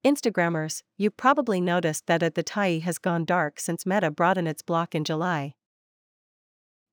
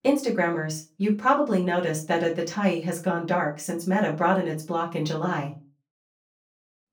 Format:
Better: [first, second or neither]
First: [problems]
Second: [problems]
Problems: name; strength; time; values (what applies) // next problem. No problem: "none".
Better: first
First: none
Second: off-mic speech; far // room echo; very slight; dies away in 0.2 s